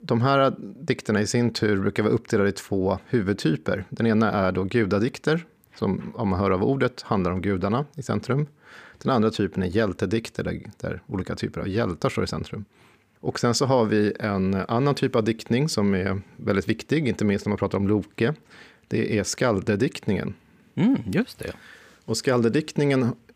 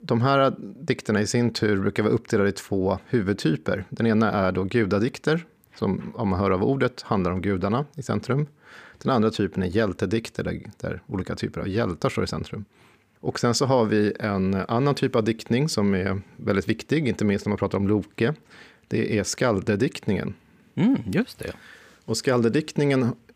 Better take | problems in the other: neither | none

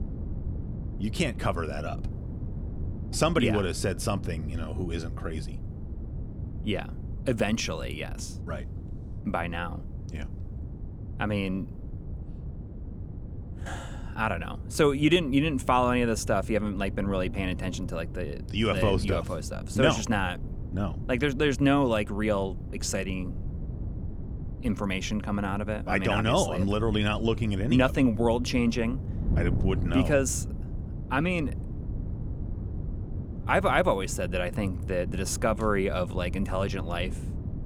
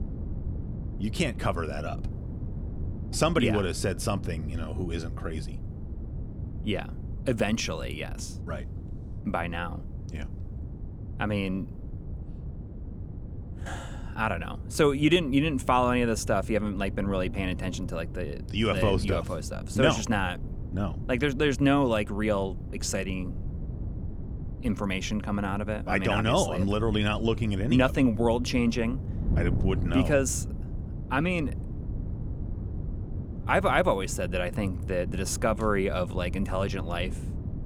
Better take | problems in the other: neither | wind noise on the microphone; occasional gusts; 20 dB below the speech; the same in both

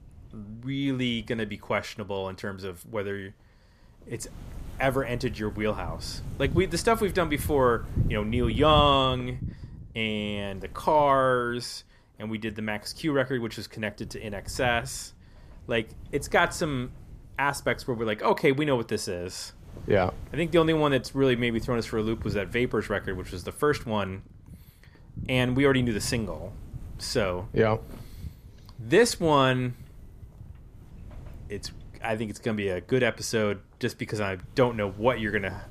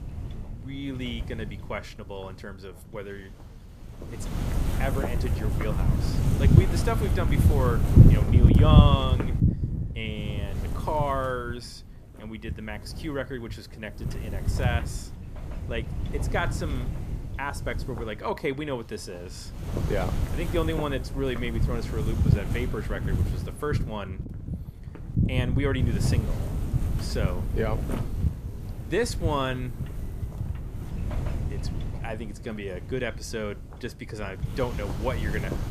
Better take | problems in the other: first | wind noise on the microphone; heavy; 5 dB below the speech; occasional gusts in the first

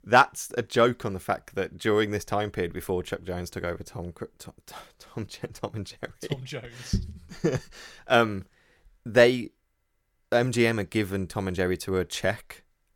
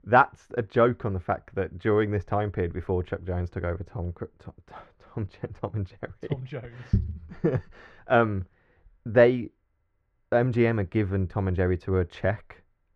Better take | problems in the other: first | muffled; very; fading above 1.5 kHz

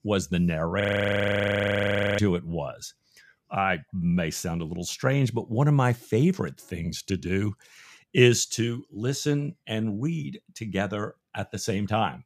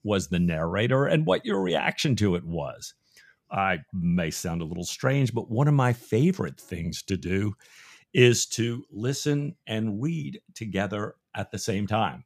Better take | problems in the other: second | audio freezing; at 1 s for 1.5 s

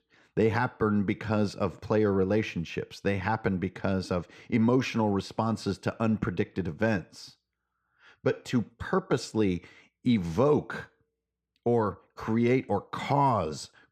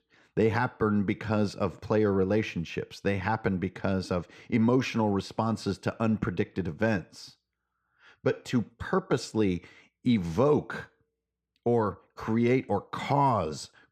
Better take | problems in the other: neither | none

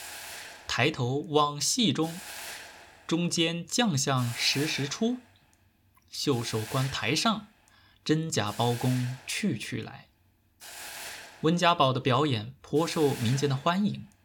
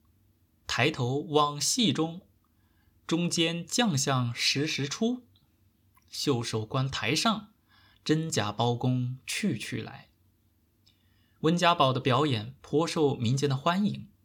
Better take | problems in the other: second | hiss; noticeable; throughout; 15 dB below the speech

